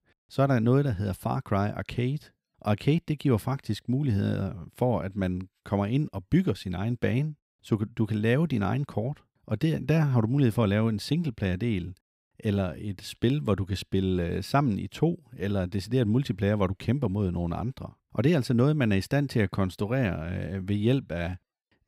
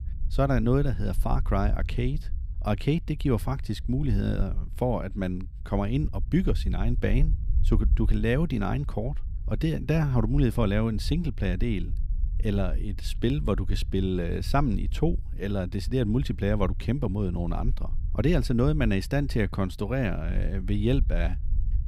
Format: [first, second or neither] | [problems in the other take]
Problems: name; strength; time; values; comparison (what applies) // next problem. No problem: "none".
first | low rumble; faint; throughout; 20 dB below the speech